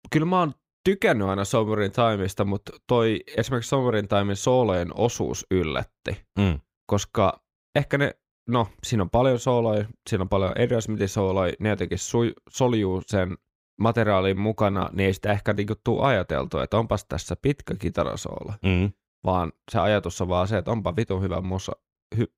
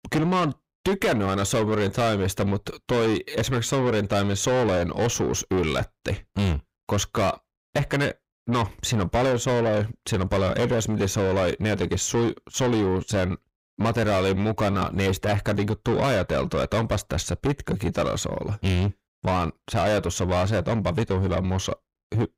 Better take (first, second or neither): first